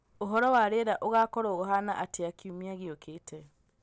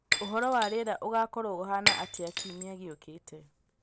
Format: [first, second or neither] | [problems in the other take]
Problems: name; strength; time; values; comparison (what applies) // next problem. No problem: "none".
first | background sound (Shatter); 1 dB below the speech